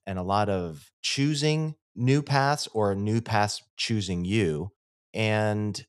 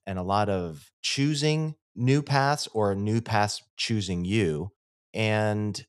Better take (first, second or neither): neither